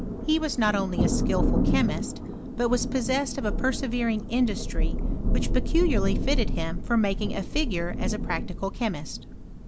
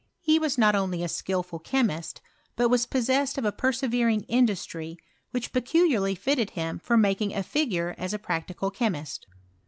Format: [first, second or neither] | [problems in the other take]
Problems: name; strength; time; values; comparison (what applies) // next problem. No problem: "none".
second | background sound (Thunder); 2 dB above the speech